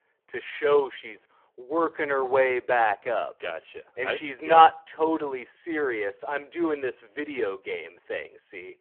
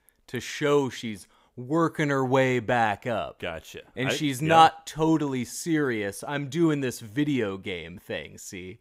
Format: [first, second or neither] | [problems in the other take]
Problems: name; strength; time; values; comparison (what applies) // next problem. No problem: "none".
second | phone-call audio; poor line